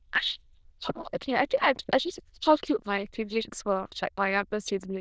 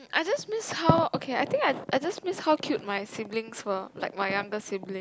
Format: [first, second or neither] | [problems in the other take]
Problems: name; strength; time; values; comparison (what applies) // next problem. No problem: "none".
second | noise reduction (neural diffusion model UNIVERSE++)